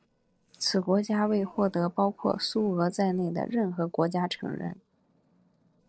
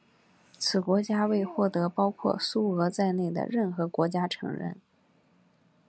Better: second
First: noise reduction (neural separator model SepFormer DNS4)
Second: none

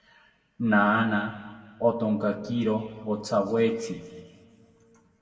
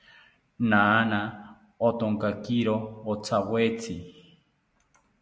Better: second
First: room echo; dies away in 2.1 s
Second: none

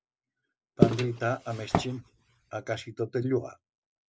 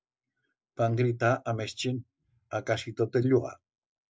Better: second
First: background sound (Walk, footsteps); 4 dB above the speech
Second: none

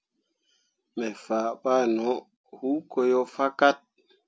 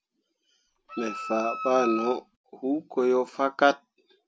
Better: first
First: none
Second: background sound (Wind instrument, woodwind instrument); 7 dB below the speech

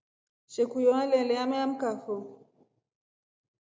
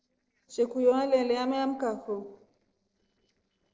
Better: first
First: none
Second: noise reduction (neural separator model SepFormer DNS4)

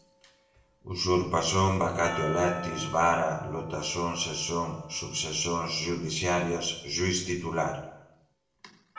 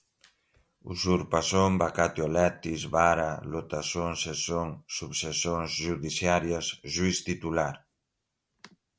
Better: second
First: background sound (Percussion); 15 dB below the speech // room echo; dies away in 0.8 s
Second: none

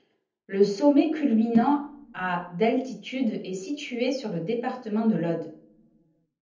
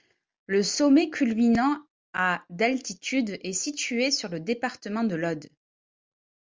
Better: second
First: room echo; dies away in 0.7 s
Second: none

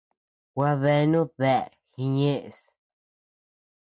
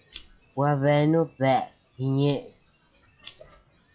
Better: first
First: none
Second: noise reduction (classical method log-MMSE)

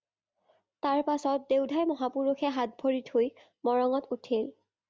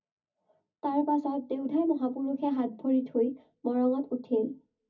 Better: first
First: none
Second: room echo; dies away in 0.4 s

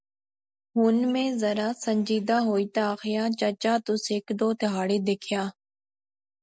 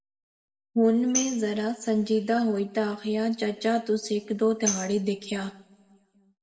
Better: first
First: none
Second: background sound (Tambourine); 9 dB below the speech // room echo; dies away in 0.8 s

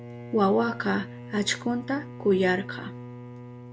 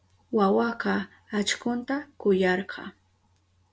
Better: second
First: background sound (Bowed string instrument); 13 dB below the speech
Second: none

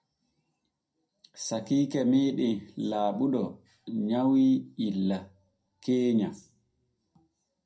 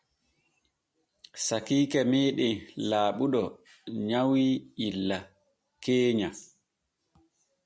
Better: second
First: room echo; dies away in 0.3 s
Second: none

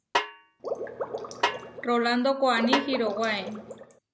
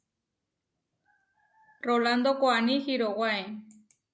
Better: second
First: background sound (Snare drum + Water / Liquid); 4 dB below the speech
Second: none

